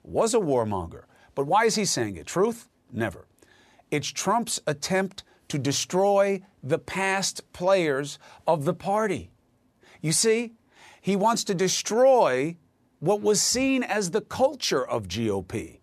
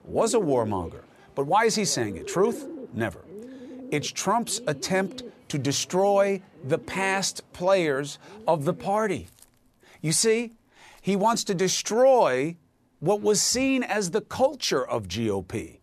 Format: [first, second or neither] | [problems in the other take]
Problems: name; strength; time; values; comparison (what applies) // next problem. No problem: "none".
first | animal sounds; noticeable; throughout; 15 dB below the speech